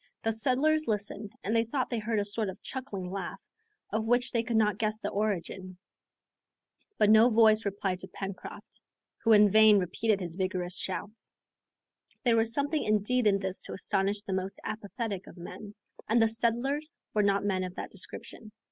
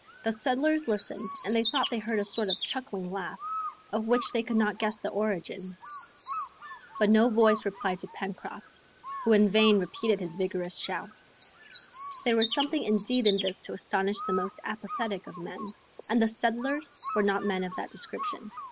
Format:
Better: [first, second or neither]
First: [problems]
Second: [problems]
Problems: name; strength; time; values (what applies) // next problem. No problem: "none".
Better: first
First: none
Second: background sound (Bird); 11 dB below the speech